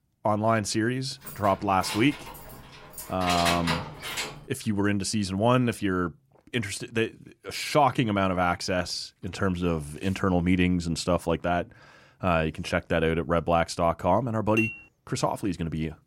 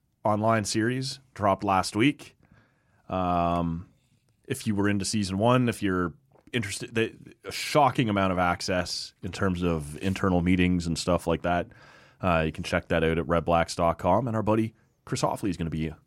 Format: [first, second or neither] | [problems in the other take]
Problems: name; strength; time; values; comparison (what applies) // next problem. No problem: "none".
second | jangling keys; loud; from 1.5 to 4.5 s; peak level with the speech // clattering dishes; noticeable; at 15 s; peak 3 dB below the speech